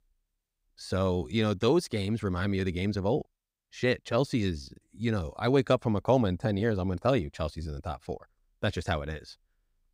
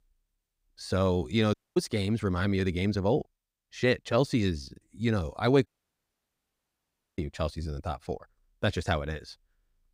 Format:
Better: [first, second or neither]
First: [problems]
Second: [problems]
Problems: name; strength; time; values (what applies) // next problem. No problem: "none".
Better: first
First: none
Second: audio cutting out; at 1.5 s and at 5.5 s for 1.5 s